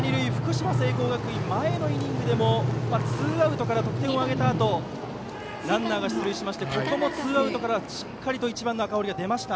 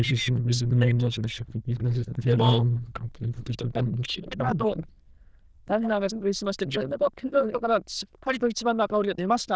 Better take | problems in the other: first | noise reduction (neural diffusion model UNIVERSE++)

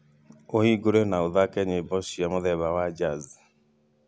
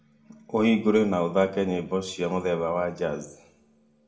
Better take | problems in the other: first | room echo; dies away in 0.5 s

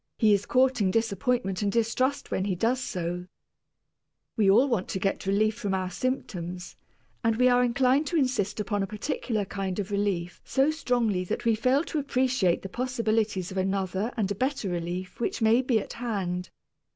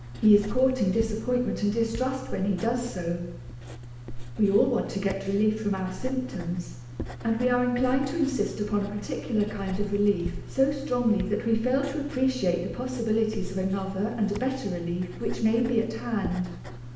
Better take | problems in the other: first | background sound (Writing); 10 dB below the speech // room echo; dies away in 0.8 s

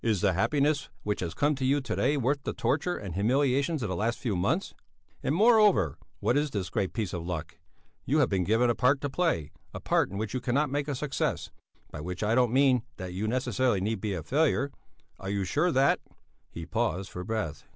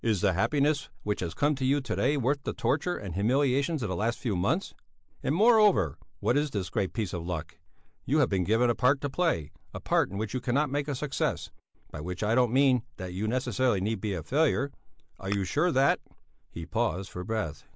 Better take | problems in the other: first | noise reduction (neural mask model Resemble Enhance denoiser)

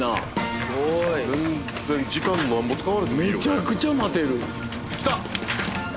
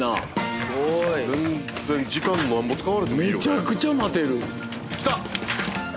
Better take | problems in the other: second | background sound (Engine); 13 dB below the speech

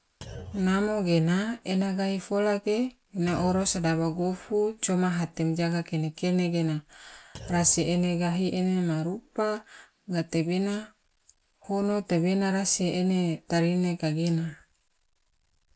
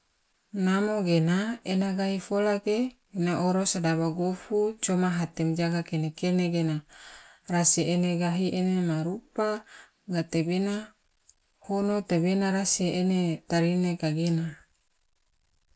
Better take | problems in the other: second | background sound (Thump, thud); 19 dB below the speech

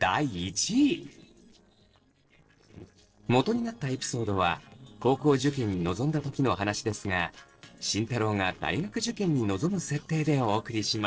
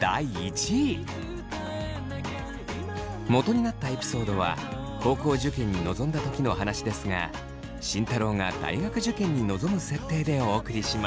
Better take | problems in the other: second | noise reduction (neural separator model SepFormer DNS4)

